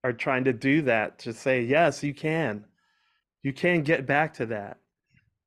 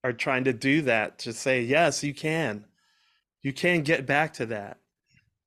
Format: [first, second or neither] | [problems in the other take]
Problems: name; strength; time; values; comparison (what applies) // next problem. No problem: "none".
second | muffled; slightly; fading above 3 kHz